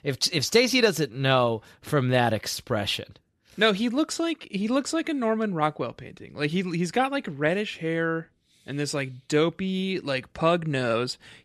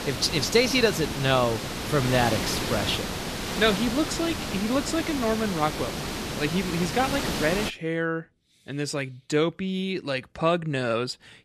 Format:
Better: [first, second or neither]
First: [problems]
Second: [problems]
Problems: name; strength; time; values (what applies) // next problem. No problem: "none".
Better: first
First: none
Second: hiss; loud; until 7.5 s; 4 dB below the speech